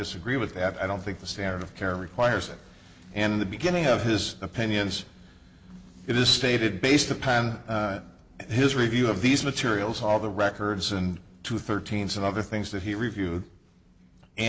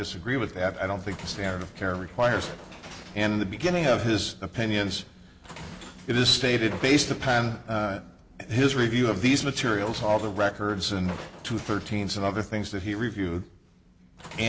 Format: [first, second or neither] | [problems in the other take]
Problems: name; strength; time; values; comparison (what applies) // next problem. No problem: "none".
first | background sound (Train); 19 dB below the speech